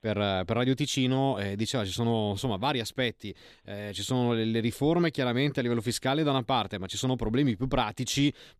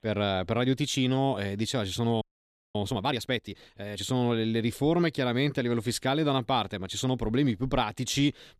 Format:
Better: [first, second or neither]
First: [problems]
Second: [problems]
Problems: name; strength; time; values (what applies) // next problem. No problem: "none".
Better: first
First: none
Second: audio freezing; at 2 s for 0.5 s